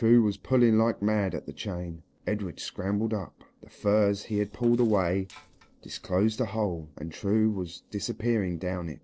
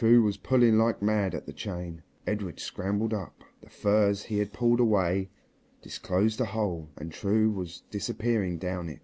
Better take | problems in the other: second | noise reduction (neural separator model SepFormer DNS4)

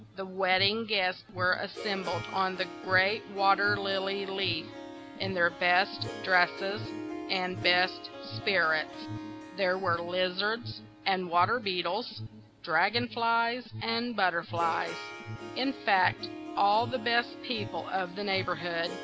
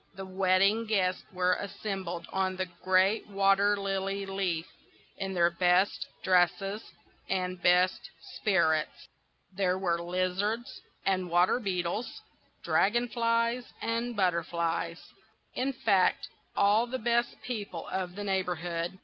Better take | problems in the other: second | background sound (Harp + Alarm); 12 dB below the speech

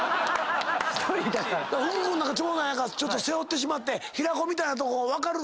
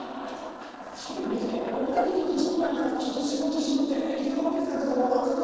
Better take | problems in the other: first | noise reduction (neural separator model SepFormer DNS4)

